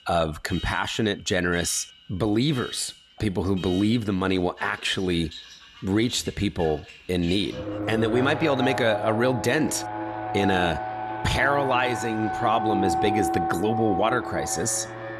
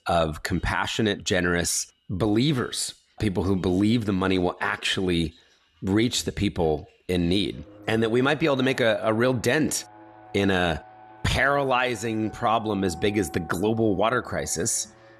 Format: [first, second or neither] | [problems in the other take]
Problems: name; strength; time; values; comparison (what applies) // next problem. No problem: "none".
second | alarms or sirens; loud; throughout; 6 dB below the speech; faint in the second